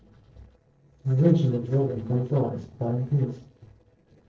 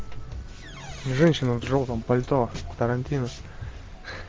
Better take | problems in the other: second | noise reduction (neural separator model SepFormer DNS4)

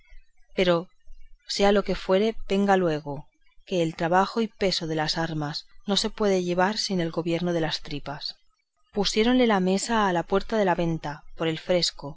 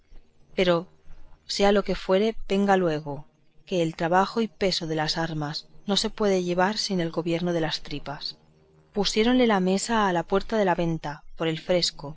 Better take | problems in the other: first | noise reduction (neural separator model SepFormer DNS4)

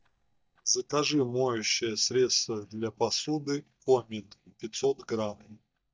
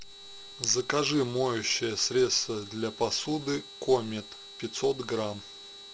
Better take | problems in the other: second | noise reduction (neural mask model DeepFilterNet 3)

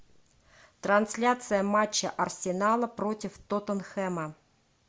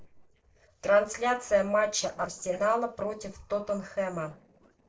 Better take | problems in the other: first | noise reduction (neural separator model SepFormer DNS4)

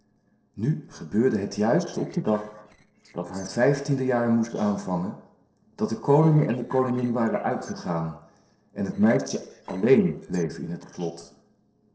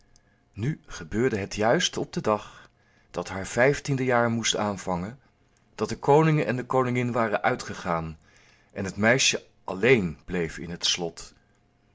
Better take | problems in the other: second | noise reduction (neural separator model SepFormer DNS4)

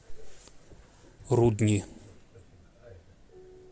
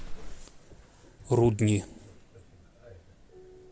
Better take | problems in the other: first | background sound (Explosion); 17 dB below the speech

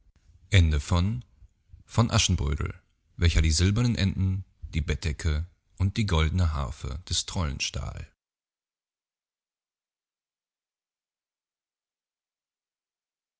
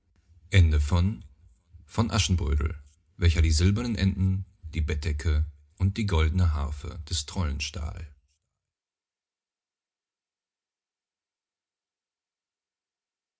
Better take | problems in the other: first | room echo; dies away in 0.3 s

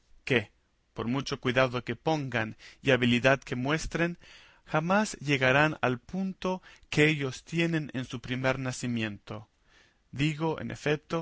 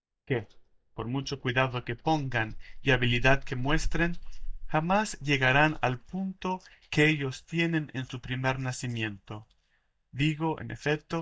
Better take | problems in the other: first | noise reduction (neural mask model DeepFilterNet 3)

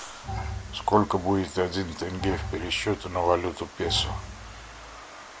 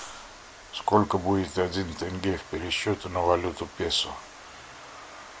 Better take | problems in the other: second | background sound (Bowed string instrument); 8 dB below the speech

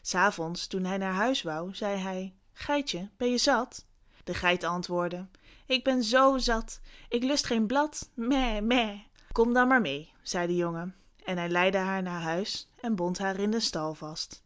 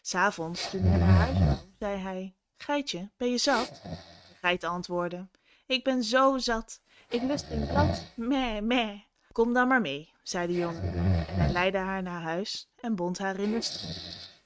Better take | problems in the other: first | noise reduction (neural mask model RNNoise)

